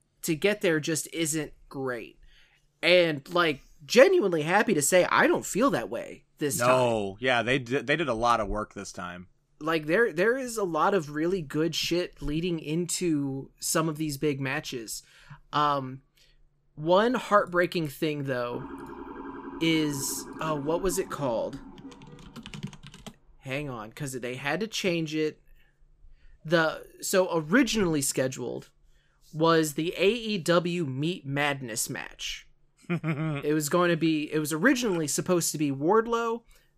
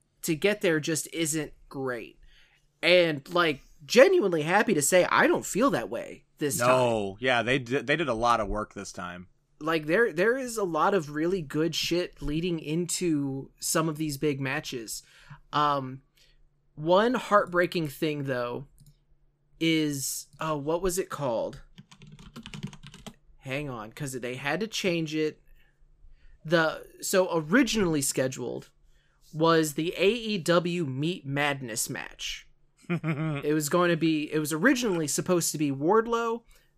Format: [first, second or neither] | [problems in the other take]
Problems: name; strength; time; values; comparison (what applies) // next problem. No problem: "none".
second | siren; faint; from 19 to 22 s; peak 15 dB below the speech